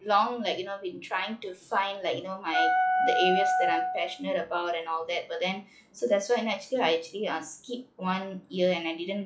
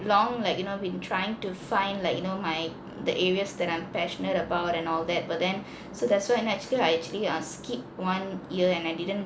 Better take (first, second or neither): second